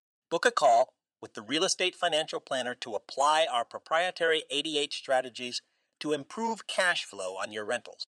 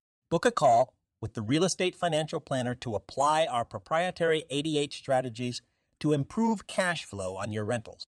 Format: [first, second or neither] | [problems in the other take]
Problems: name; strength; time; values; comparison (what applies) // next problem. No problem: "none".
second | thin; somewhat; fading below 400 Hz